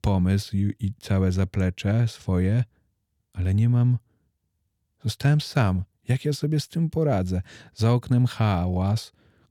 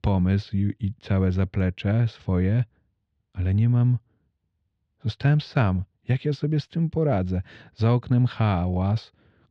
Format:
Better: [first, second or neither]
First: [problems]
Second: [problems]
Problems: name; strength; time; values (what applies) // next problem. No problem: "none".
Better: first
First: none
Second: muffled; very slightly; fading above 3.5 kHz